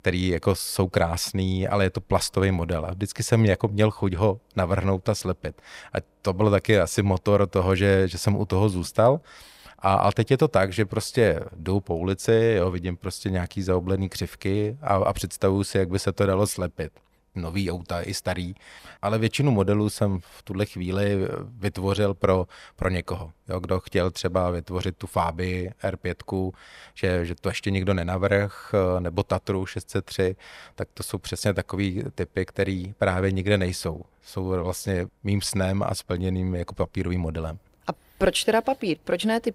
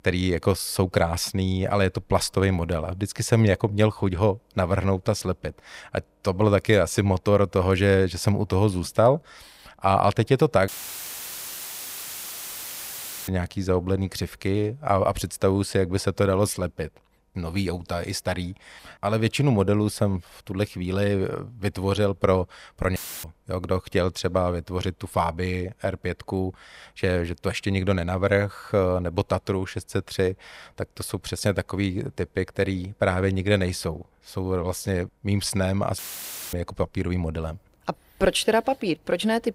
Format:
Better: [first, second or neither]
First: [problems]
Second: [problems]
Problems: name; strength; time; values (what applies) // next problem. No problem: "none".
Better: first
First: none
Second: audio cutting out; filled with static; at 11 s for 2.5 s, at 23 s and at 36 s for 0.5 s